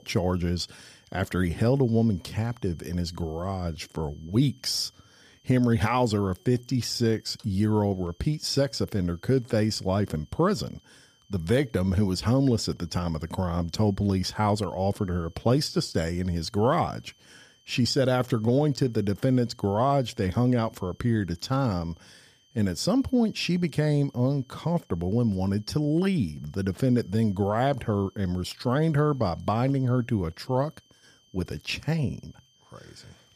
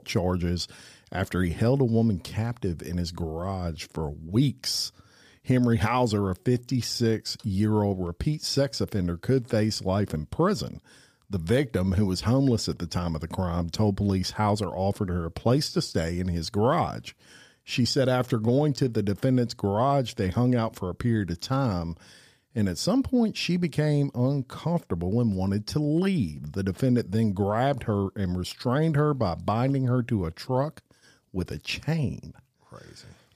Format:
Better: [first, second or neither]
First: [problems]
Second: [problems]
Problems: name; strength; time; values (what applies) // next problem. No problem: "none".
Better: second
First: high-pitched whine; faint; throughout; 3 kHz, 35 dB below the speech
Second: none